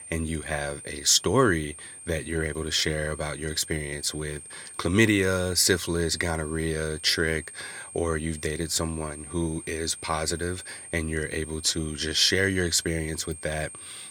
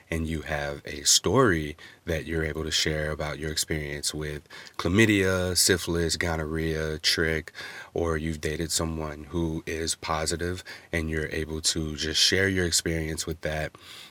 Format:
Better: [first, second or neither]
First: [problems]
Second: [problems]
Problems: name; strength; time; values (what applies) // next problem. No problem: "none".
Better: second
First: high-pitched whine; noticeable; throughout; 8.5 kHz, 15 dB below the speech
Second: none